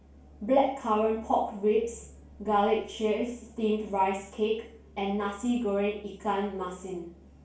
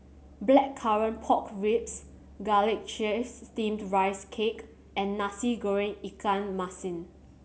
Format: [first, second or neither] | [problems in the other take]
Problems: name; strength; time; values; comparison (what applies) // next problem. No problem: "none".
second | room echo; dies away in 0.4 s